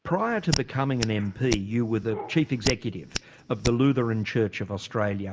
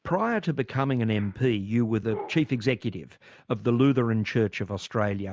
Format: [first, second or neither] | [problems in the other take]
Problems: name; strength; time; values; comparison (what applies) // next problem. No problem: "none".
second | background sound (Hands); 9 dB below the speech // room echo; dies away in 0.4 s